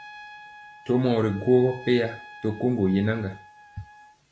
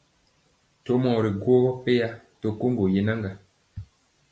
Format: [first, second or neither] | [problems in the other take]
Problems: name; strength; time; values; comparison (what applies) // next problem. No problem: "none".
second | background sound (Trumpet); 20 dB below the speech